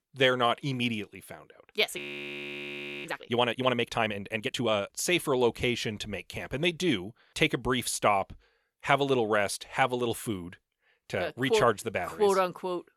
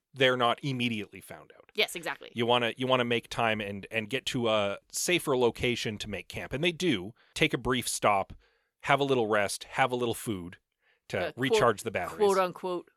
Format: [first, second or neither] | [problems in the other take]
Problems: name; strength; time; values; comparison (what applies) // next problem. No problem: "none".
second | audio freezing; at 2 s for 1 s